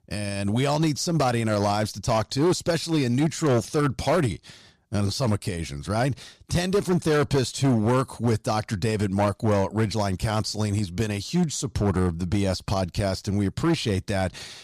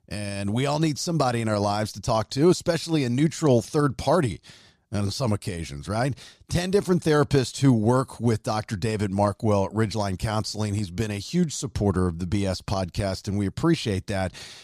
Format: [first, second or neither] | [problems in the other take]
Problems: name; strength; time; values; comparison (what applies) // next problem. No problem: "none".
second | distortion; slight; 7% of the sound clipped